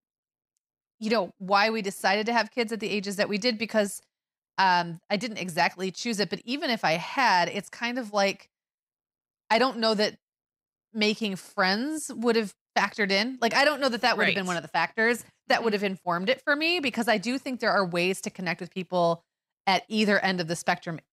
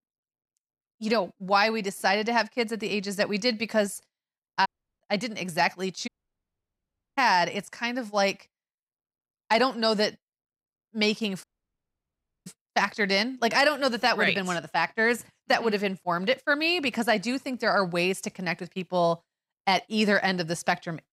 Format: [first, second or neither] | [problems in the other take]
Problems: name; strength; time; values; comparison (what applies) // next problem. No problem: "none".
first | audio cutting out; at 4.5 s, at 6 s for 1 s and at 11 s for 1 s